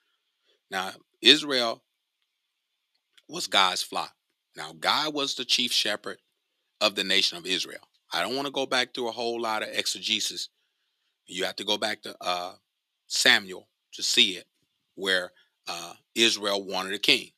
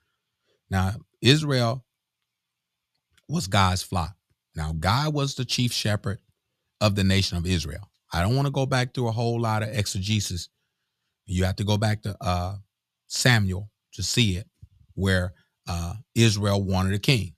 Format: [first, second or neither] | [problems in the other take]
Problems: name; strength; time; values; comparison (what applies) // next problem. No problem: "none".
second | thin; somewhat; fading below 300 Hz